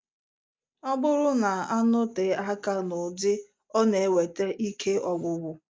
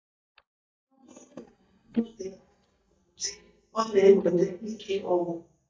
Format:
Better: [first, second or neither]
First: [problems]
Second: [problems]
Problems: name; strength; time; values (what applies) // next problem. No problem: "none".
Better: first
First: none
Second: noise reduction (neural mask model DeepFilterNet 3)